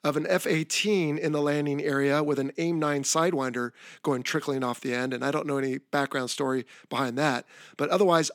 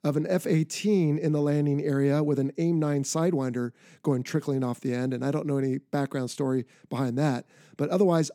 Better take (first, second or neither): second